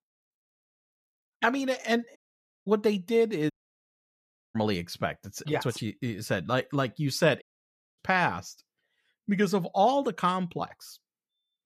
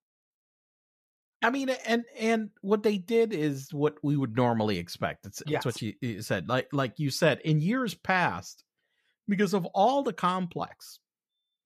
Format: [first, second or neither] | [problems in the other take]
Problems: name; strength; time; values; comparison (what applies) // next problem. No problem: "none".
second | audio cutting out; at 2 s for 0.5 s, at 3.5 s for 1 s and at 7.5 s for 0.5 s